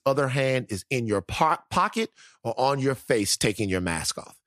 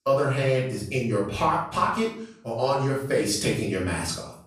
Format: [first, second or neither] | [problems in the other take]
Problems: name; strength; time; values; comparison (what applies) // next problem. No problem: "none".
first | off-mic speech; far // room echo; noticeable; dies away in 0.5 s